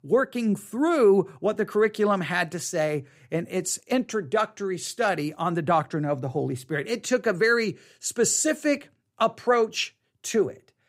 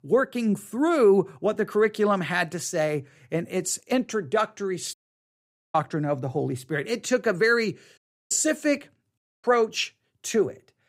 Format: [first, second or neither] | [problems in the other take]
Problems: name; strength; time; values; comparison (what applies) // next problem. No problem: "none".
first | audio cutting out; at 5 s for 1 s, at 8 s and at 9 s